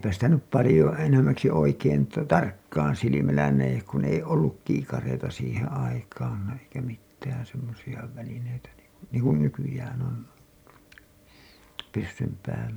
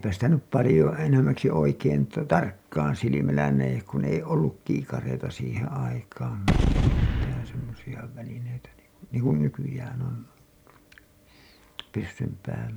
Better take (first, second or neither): first